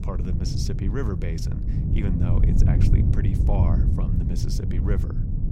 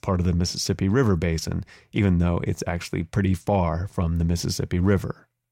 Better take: second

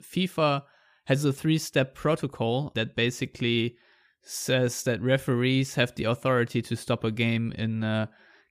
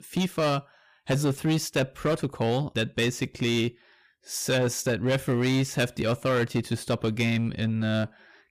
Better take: first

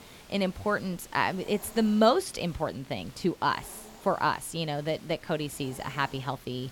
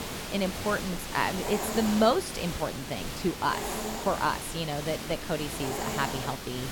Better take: first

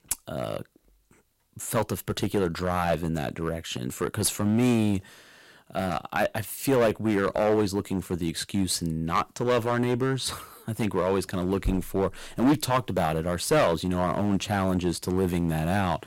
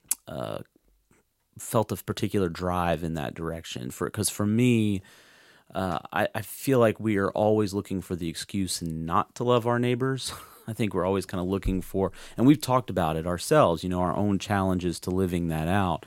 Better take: second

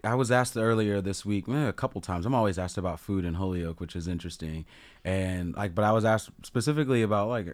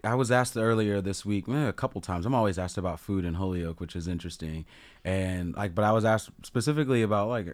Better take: neither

